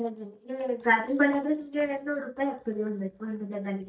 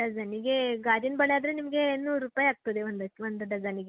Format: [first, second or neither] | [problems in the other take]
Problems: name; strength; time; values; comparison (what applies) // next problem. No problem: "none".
second | noise reduction (neural mask model DeepFilterNet 3)